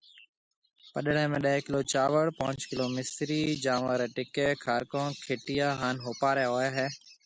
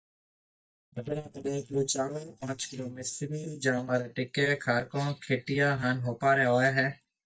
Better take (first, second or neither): first